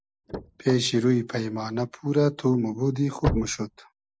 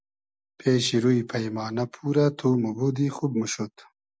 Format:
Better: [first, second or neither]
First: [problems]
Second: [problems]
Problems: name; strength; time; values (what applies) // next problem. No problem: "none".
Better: second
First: background sound (Slam / Car); 10 dB below the speech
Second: none